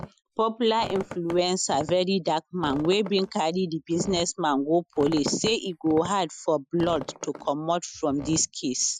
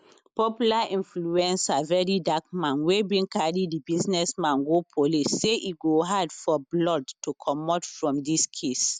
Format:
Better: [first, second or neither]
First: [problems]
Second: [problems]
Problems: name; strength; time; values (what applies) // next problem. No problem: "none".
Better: second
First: noise reduction (classical method Wiener filter)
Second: none